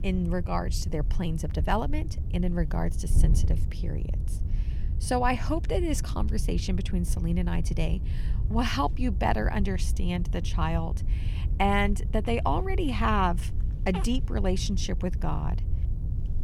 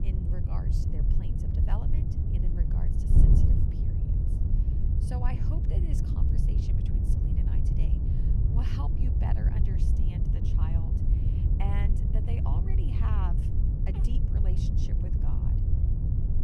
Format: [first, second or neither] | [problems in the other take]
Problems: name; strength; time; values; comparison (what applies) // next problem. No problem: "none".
first | wind noise on the microphone; heavy; 3 dB above the speech; occasional gusts in the first